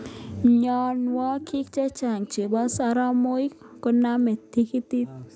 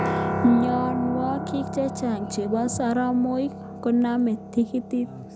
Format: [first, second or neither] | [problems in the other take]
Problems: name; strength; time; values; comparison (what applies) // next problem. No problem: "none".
first | background sound (Piano); 6 dB below the speech